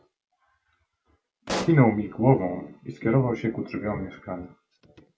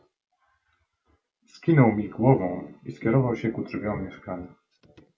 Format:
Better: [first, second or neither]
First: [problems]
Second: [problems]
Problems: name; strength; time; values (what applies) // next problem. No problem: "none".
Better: second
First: background sound (Explosion); 8 dB below the speech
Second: none